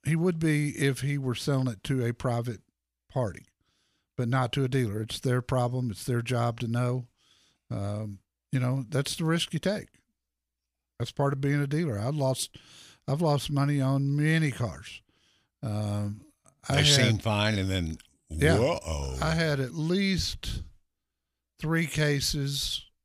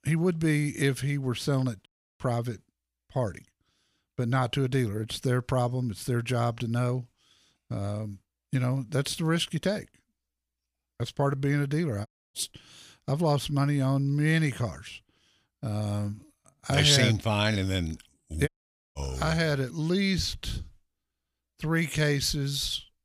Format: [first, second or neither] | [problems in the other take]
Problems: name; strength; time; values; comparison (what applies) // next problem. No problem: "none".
first | audio cutting out; at 2 s, at 12 s and at 18 s